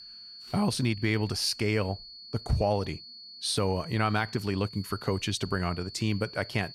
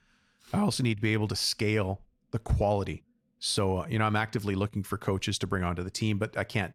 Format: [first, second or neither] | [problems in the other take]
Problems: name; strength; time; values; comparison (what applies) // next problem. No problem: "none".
second | high-pitched whine; noticeable; throughout; 4.5 kHz, 15 dB below the speech